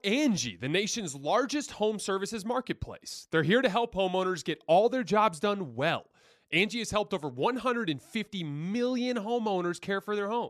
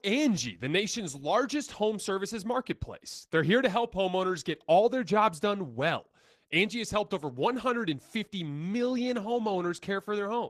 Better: first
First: none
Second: garbled, watery; slightly; nothing above 14.5 kHz

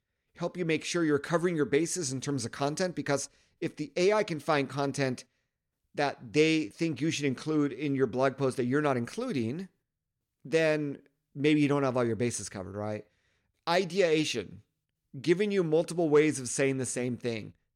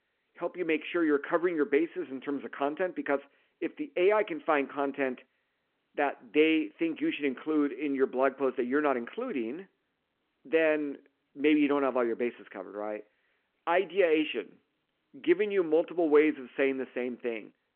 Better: first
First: none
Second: phone-call audio

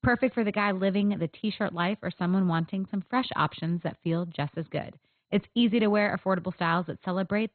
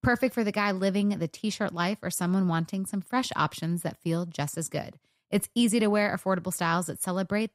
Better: second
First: garbled, watery; badly; nothing above 4 kHz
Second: none

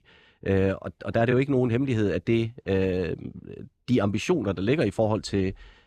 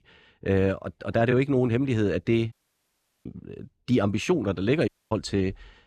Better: first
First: none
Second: audio cutting out; at 2.5 s for 0.5 s and at 5 s

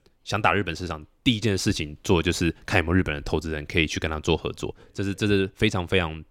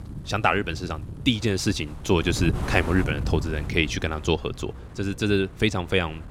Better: first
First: none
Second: wind noise on the microphone; occasional gusts; 15 dB below the speech

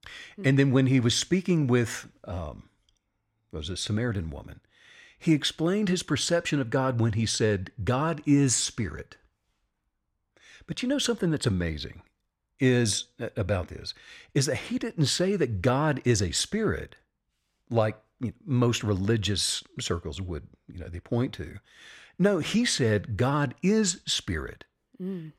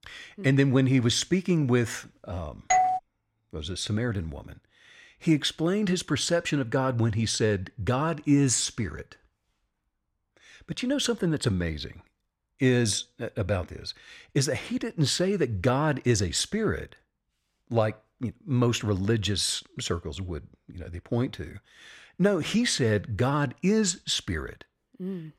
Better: first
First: none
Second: doorbell; loud; at 2.5 s; peak 3 dB above the speech

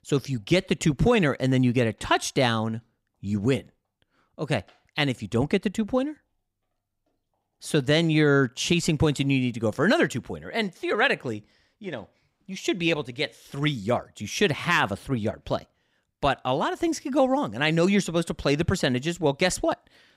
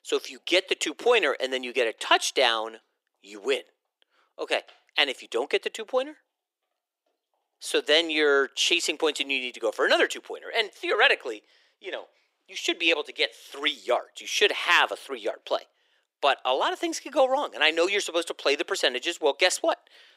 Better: first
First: none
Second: thin; very; fading below 350 Hz

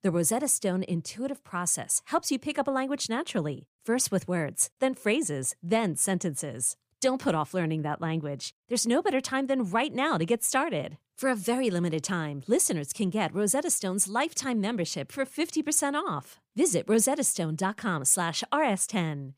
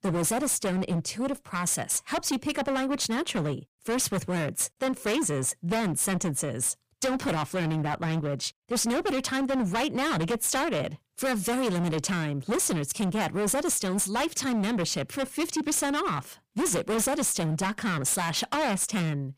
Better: first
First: none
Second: distortion; heavy; 27% of the sound clipped

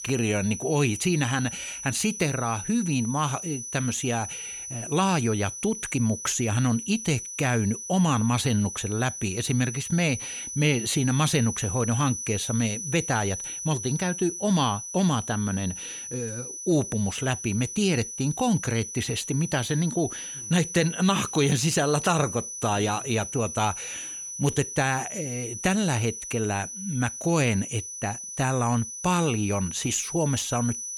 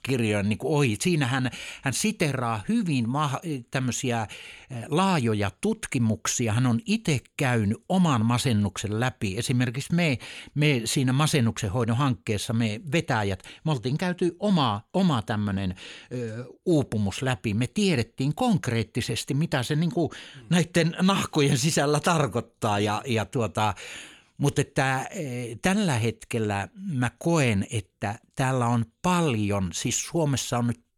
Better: second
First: high-pitched whine; loud; throughout; 6 kHz, 7 dB below the speech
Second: none

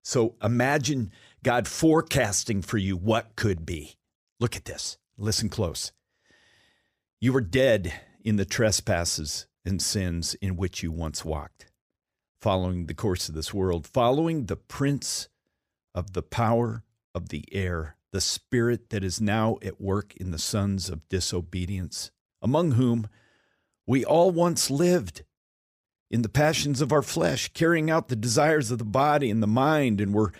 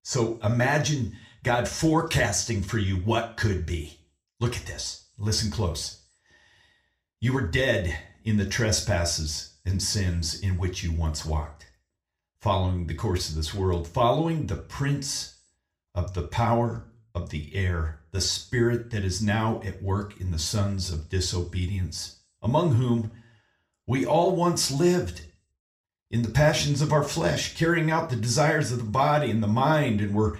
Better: first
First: none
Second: room echo; very slight; dies away in 0.3 s // off-mic speech; somewhat distant

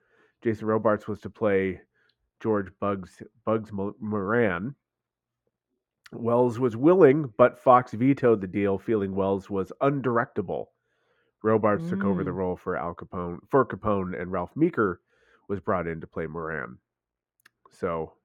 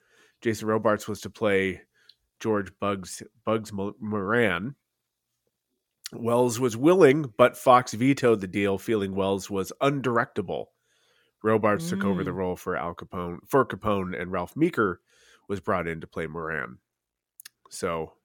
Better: second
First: muffled; very; fading above 3 kHz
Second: none

